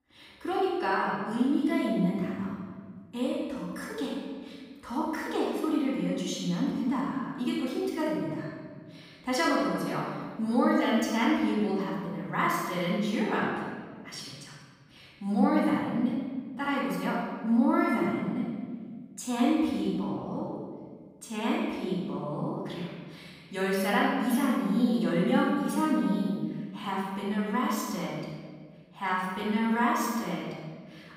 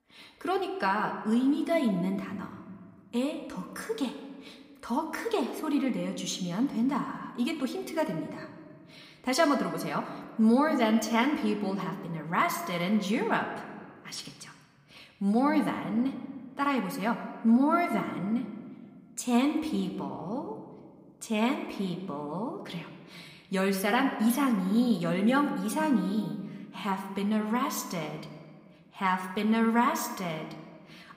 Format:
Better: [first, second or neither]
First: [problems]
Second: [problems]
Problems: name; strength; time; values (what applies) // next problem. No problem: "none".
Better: second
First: room echo; strong; dies away in 1.7 s // off-mic speech; far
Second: room echo; slight; dies away in 1.3 s